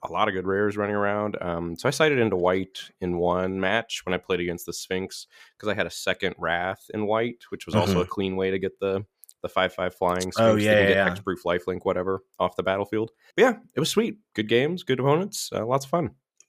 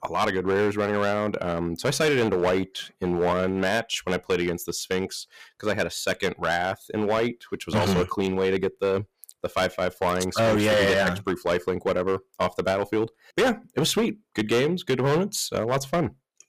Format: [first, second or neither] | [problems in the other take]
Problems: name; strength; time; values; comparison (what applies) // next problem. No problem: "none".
first | distortion; heavy; 9% of the sound clipped